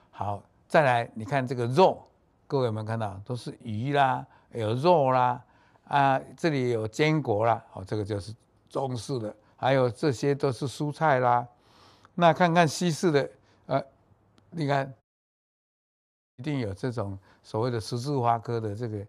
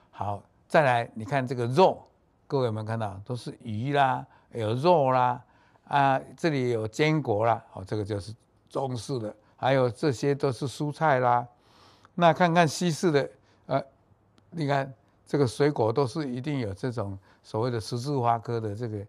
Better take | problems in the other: second | audio cutting out; at 15 s for 1.5 s

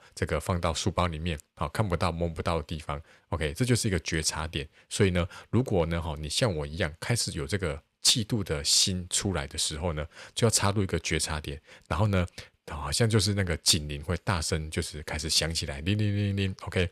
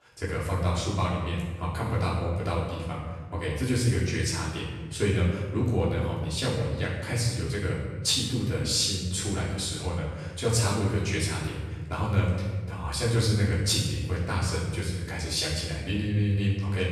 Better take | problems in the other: first | off-mic speech; far // room echo; noticeable; dies away in 1.4 s

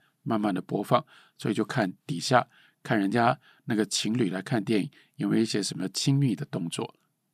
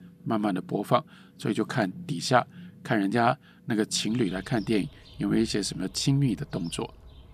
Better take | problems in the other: first | animal sounds; faint; throughout; 20 dB below the speech

